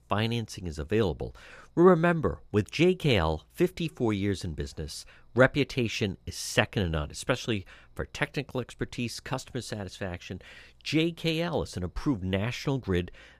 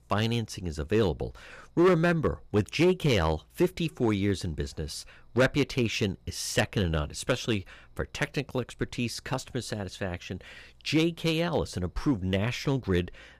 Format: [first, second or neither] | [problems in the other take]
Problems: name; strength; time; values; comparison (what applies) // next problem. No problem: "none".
first | distortion; slight; 2% of the sound clipped